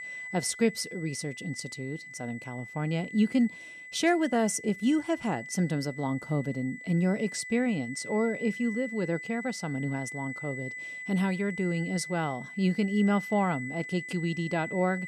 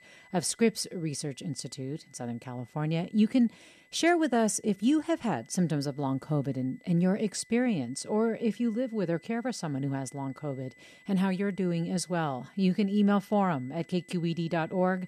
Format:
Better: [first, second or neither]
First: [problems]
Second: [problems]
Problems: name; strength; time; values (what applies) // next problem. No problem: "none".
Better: second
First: high-pitched whine; loud; throughout; 2 kHz, 10 dB below the speech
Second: high-pitched whine; faint; throughout; 2 kHz, 30 dB below the speech